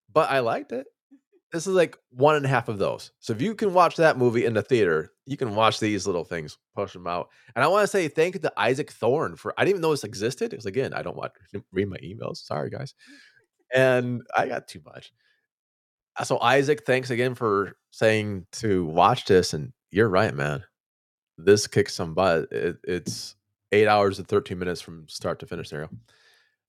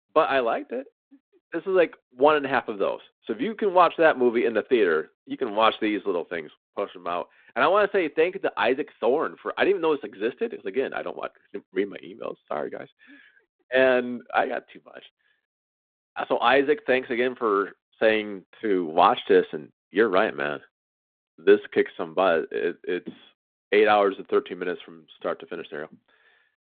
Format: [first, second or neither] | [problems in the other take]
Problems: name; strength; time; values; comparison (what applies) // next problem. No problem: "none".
first | phone-call audio